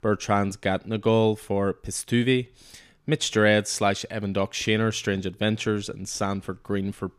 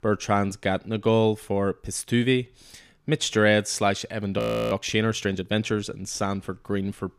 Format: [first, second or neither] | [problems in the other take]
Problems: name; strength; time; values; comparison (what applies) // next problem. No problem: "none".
first | audio freezing; at 4.5 s